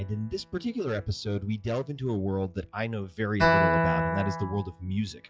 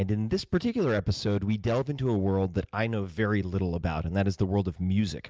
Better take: second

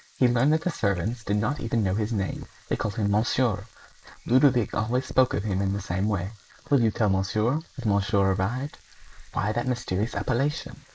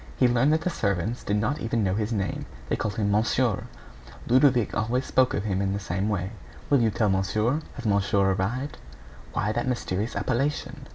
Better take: second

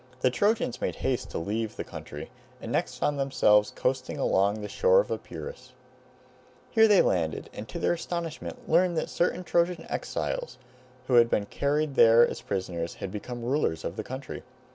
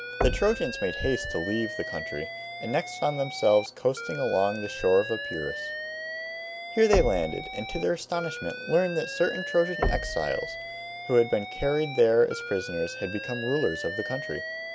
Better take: first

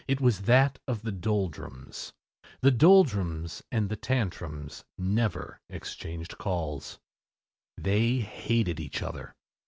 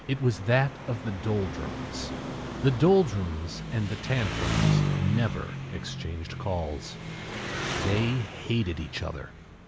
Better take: first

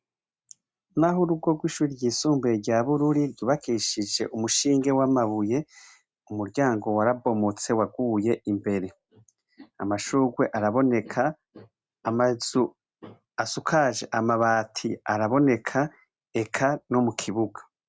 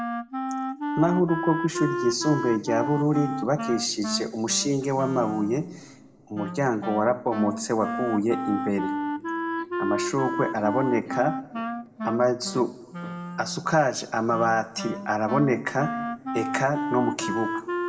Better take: first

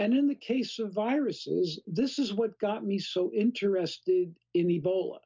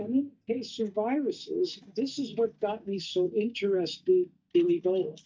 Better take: first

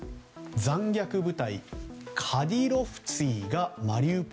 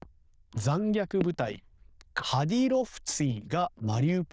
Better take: first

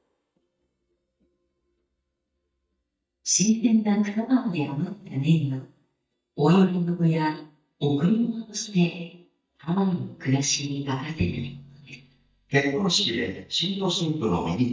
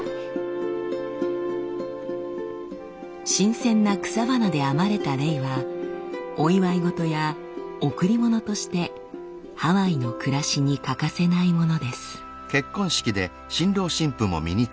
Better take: second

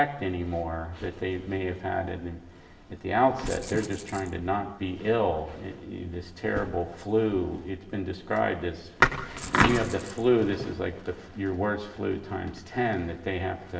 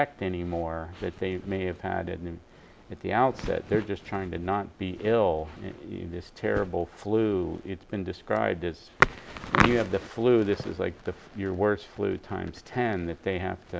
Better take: second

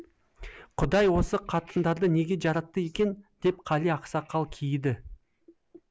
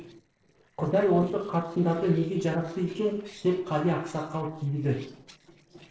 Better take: first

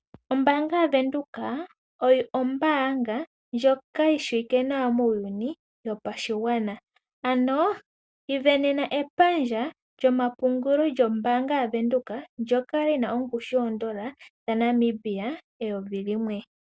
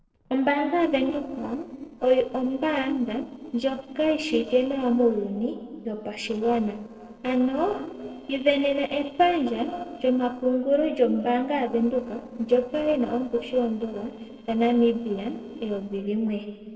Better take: first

